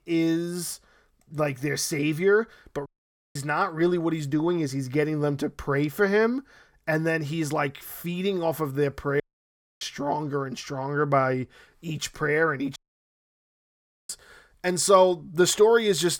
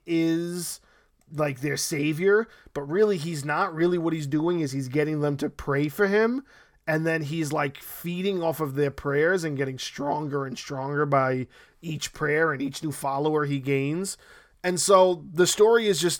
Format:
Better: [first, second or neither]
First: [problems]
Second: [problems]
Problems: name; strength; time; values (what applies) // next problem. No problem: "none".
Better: second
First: audio cutting out; at 3 s, at 9 s for 0.5 s and at 13 s for 1.5 s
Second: none